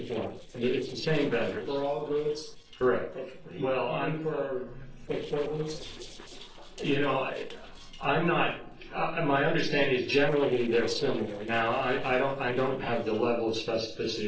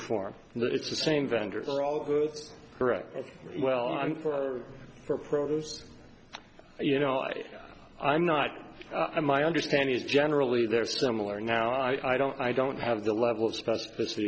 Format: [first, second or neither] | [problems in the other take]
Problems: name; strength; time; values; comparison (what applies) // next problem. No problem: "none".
second | noise reduction (neural separator model SepFormer DNS4)